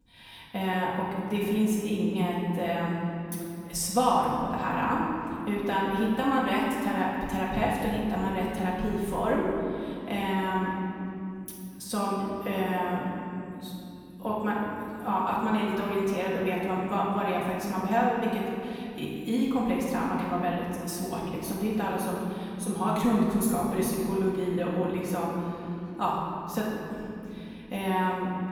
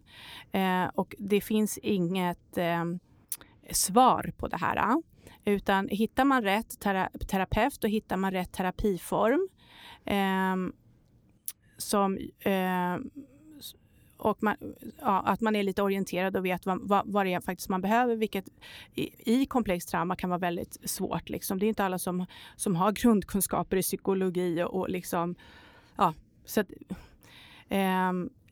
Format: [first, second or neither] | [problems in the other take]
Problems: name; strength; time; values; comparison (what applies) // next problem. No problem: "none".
second | off-mic speech; far // room echo; strong; dies away in 2.9 s